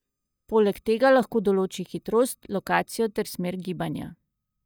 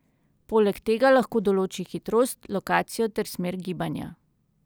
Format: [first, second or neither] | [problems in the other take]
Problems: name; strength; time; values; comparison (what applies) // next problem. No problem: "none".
second | noise reduction (neural mask model DeepFilterNet 3)